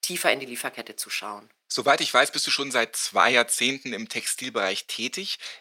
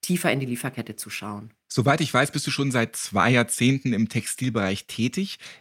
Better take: second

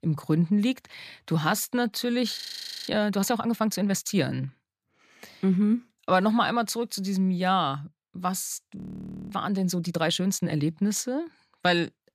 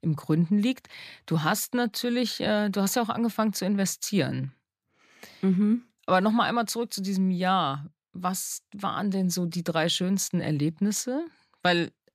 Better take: second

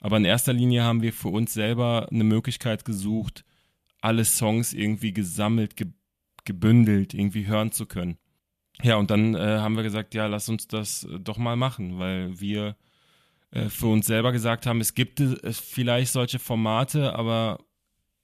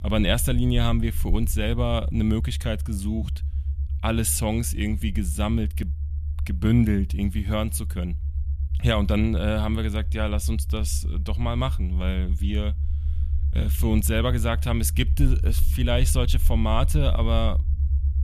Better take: first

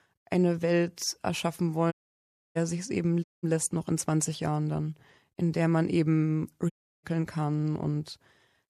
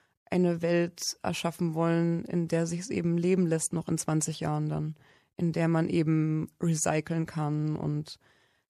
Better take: second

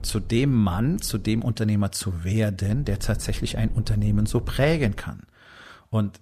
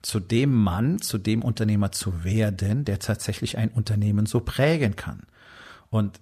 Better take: second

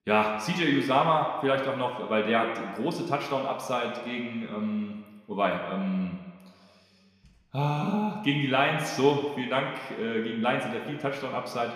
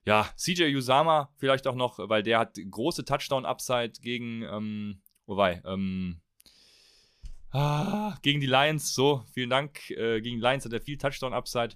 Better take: second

